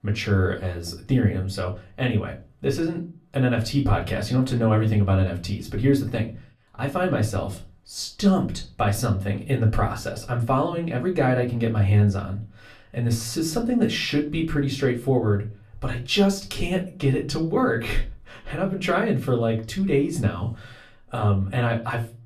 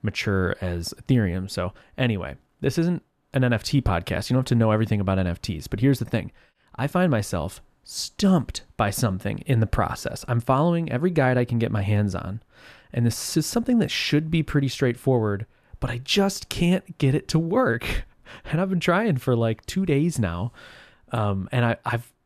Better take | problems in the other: second | off-mic speech; far // room echo; very slight; dies away in 0.3 s

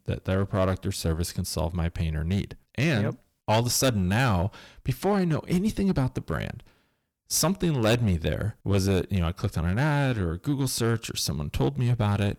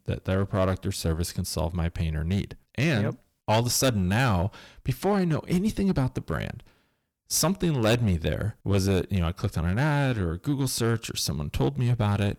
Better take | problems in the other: neither | distortion; slight; 5% of the sound clipped; the same in both

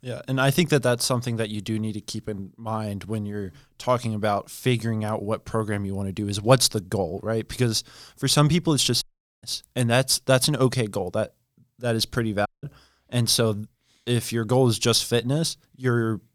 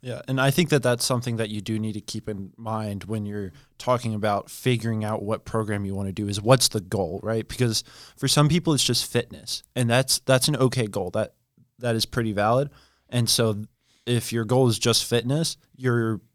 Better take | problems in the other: second | audio cutting out; at 9 s and at 12 s

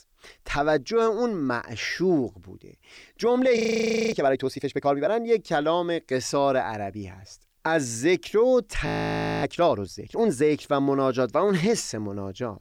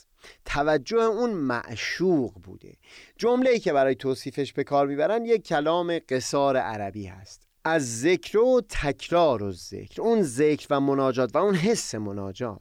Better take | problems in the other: second | audio freezing; at 3.5 s for 0.5 s and at 9 s for 0.5 s

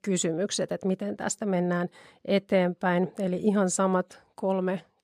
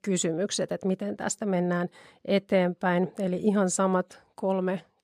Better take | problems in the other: neither | none

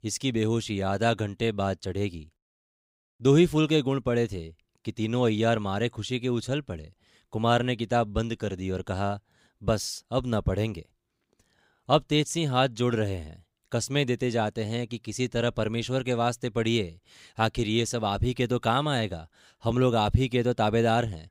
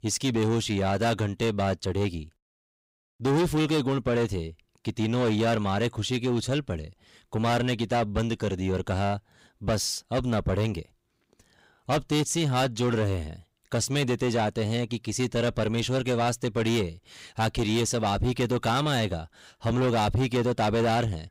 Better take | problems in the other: first | distortion; heavy; 8 dB below the speech

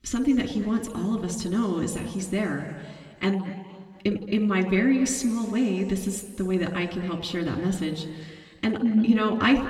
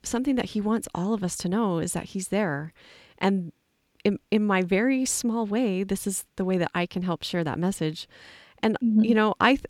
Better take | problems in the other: second | room echo; slight; dies away in 1.7 s // off-mic speech; somewhat distant

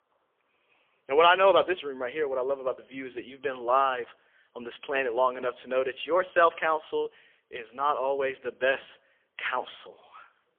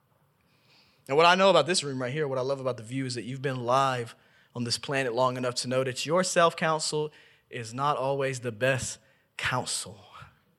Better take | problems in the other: second | phone-call audio; poor line; nothing above 3.5 kHz

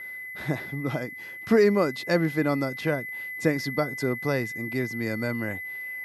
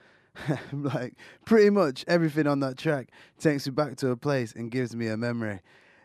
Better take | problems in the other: second | high-pitched whine; loud; throughout; 2 kHz, 8 dB below the speech

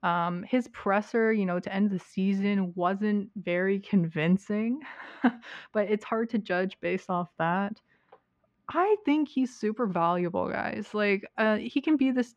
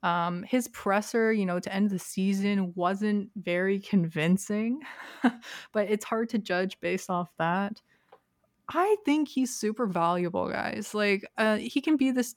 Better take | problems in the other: second | muffled; slightly; fading above 3 kHz

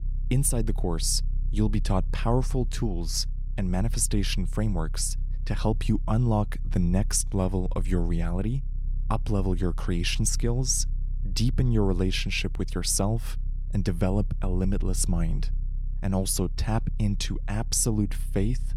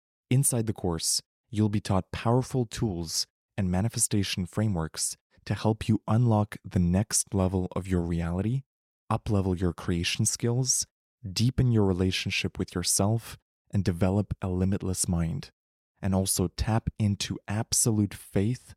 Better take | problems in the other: second | low rumble; faint; throughout; 25 dB below the speech

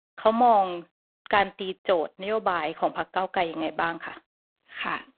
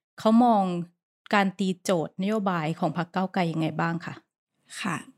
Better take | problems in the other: second | phone-call audio; poor line; nothing above 3.5 kHz

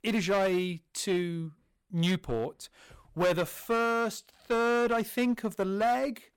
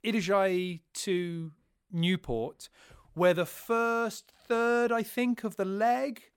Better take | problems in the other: second | distortion; slight; 9% of the sound clipped

